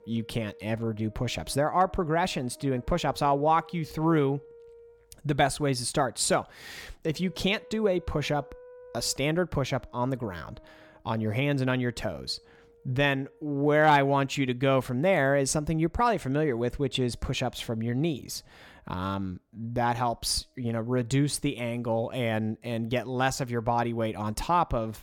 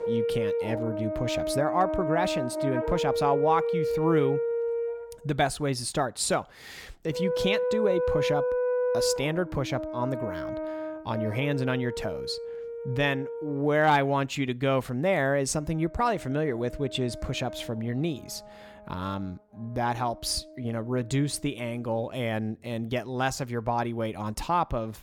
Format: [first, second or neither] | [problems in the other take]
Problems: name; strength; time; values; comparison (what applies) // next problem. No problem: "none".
first | background music; loud; throughout; 2 dB below the speech; faint in the first